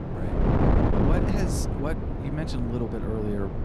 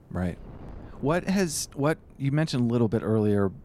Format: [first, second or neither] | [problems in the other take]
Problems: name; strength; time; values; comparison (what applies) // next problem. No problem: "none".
second | wind noise on the microphone; heavy; 4 dB above the speech; occasional gusts in the second